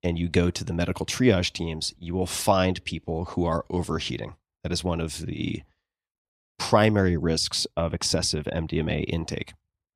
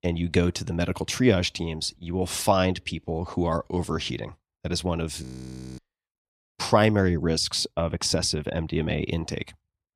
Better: first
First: none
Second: audio freezing; at 5 s for 0.5 s

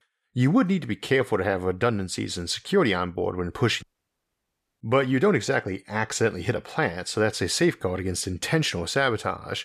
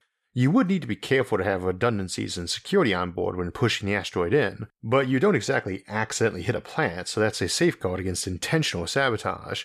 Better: second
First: audio cutting out; at 4 s for 1 s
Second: none

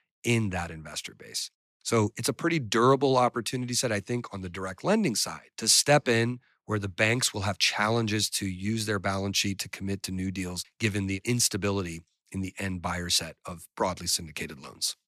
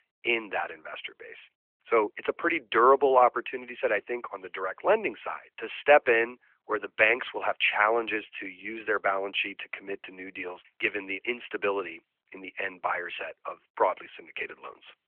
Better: first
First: none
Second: phone-call audio

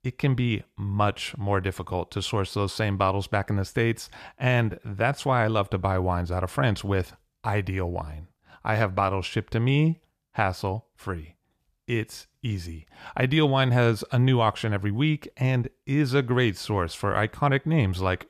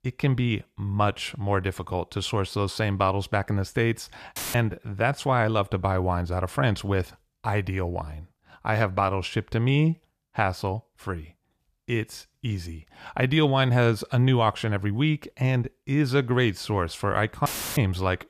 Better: first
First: none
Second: audio cutting out; filled with static; at 4.5 s and at 17 s

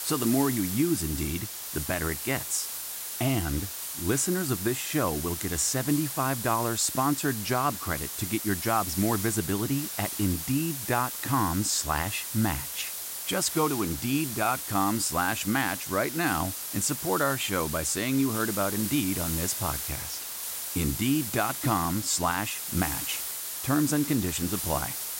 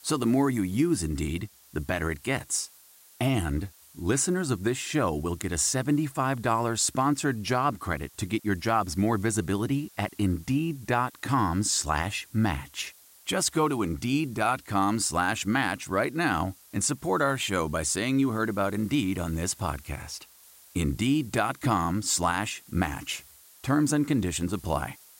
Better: second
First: hiss; loud; throughout; 4 dB below the speech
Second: hiss; faint; throughout; 25 dB below the speech

